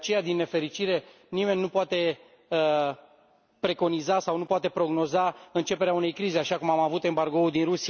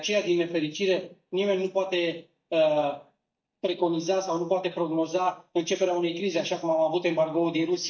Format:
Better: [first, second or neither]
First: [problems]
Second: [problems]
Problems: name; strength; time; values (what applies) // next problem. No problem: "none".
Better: first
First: none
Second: noise reduction (neural mask model DeepFilterNet 3)